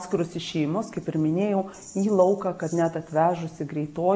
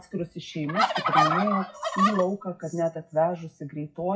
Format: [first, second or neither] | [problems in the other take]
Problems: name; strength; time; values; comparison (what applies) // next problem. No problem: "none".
first | noise reduction (classical method WPE with log-MMSE)